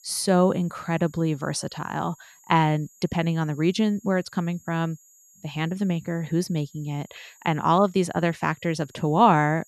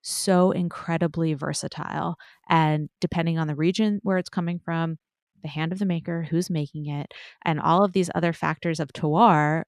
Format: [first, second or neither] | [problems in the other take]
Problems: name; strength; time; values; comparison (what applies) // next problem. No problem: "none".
second | high-pitched whine; faint; throughout; 7 kHz, 30 dB below the speech